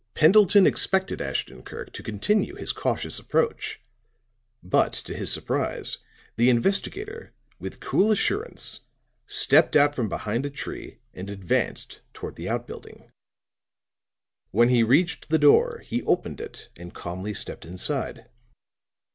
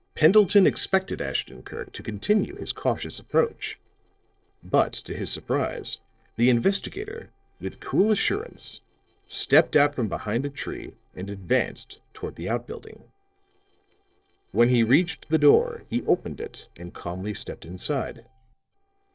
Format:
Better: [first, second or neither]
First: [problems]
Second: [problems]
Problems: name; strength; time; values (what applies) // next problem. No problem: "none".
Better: first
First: none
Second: noise reduction (neural separator model SepFormer DNS4)